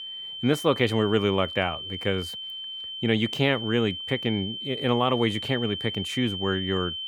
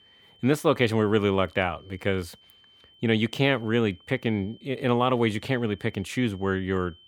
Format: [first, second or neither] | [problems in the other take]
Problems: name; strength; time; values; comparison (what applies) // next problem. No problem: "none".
second | high-pitched whine; loud; throughout; 3 kHz, 6 dB below the speech; faint in the second